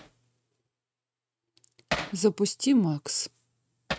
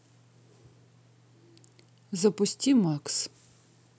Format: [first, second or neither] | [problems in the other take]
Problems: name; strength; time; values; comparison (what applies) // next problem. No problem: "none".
second | noise reduction (neural mask model RNNoise)